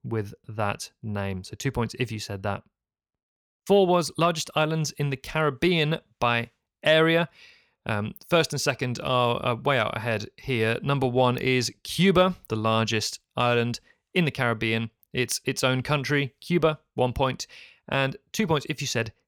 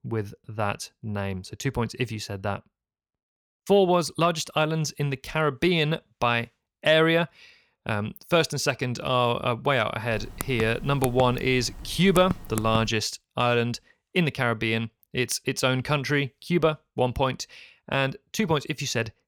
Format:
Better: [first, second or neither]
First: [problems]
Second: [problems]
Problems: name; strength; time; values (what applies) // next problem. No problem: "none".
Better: first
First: none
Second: keyboard typing; noticeable; from 10 to 13 s; peak 9 dB below the speech